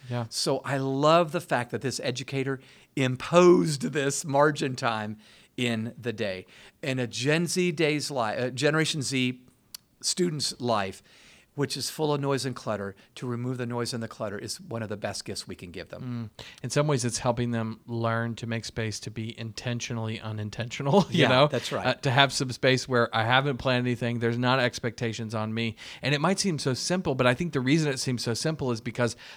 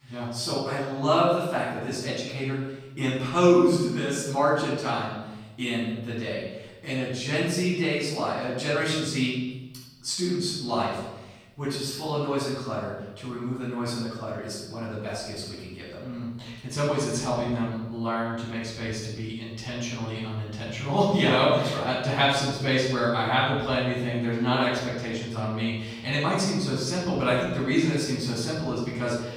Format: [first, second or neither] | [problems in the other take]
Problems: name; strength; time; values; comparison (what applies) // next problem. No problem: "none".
first | off-mic speech; far // room echo; noticeable; dies away in 1 s